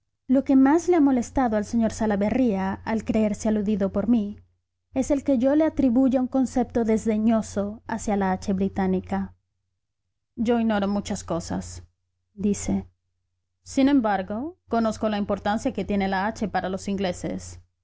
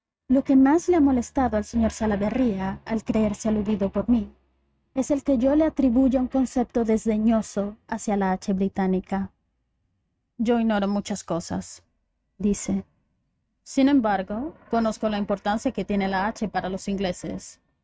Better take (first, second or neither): first